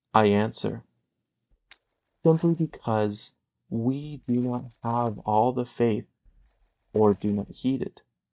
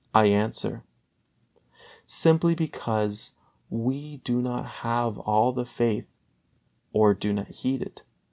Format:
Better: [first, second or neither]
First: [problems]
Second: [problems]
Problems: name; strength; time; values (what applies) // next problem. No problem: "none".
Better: second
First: noise reduction (neural mask model DeepFilterNet 3)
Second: none